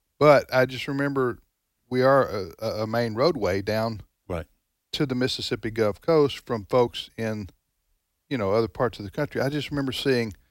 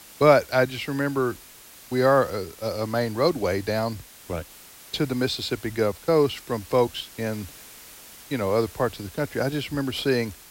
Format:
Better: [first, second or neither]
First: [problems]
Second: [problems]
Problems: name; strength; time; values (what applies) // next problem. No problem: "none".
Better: first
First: none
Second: hiss; noticeable; throughout; 20 dB below the speech